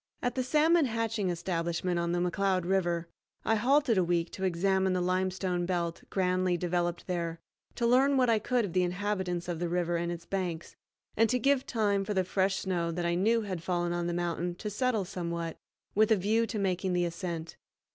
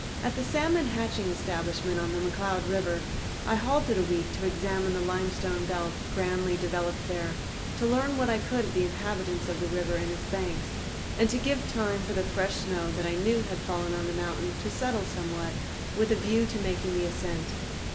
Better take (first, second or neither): first